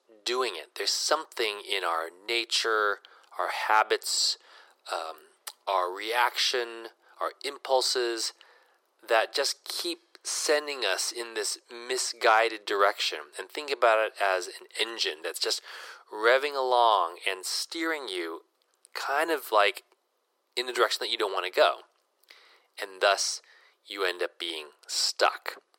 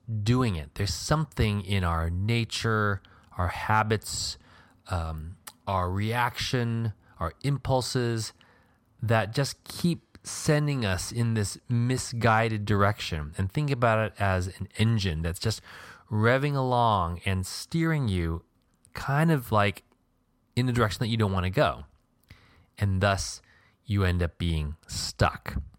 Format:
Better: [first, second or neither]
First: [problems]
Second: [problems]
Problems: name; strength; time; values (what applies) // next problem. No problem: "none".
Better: second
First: thin; very; fading below 350 Hz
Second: none